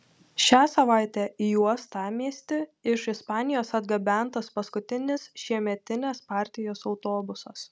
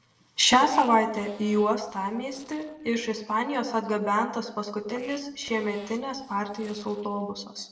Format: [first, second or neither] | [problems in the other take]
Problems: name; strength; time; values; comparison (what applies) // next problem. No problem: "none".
first | noise reduction (neural separator model SepFormer DNS4)